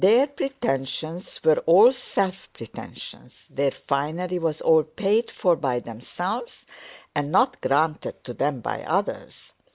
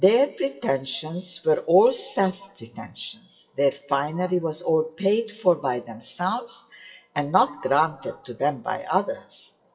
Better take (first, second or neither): first